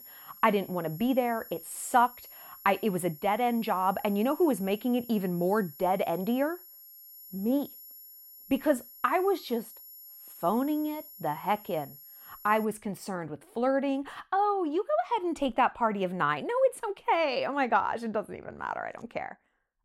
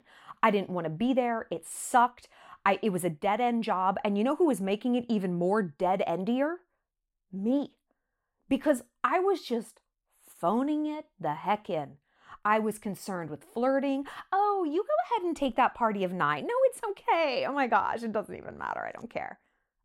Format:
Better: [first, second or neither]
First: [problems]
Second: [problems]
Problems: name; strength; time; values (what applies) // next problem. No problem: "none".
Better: second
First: high-pitched whine; noticeable; until 13 s; 11.5 kHz, 15 dB below the speech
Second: none